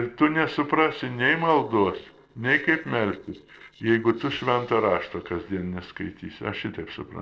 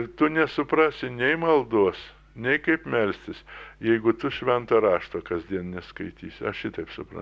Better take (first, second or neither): second